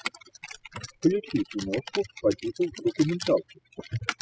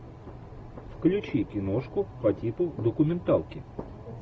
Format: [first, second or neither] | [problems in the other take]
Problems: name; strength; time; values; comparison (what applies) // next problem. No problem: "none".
second | noise reduction (classical method spectral subtraction)